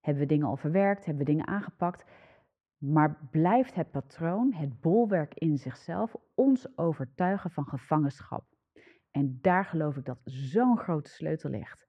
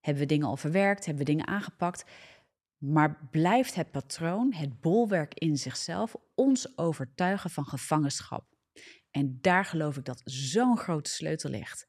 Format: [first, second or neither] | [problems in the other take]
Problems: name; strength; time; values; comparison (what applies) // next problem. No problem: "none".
second | muffled; very; fading above 3 kHz